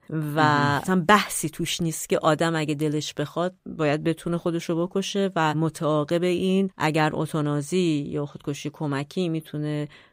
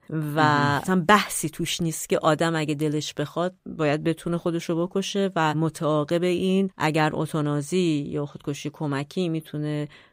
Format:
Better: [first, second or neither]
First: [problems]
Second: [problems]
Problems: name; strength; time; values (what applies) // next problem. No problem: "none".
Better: neither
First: none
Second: none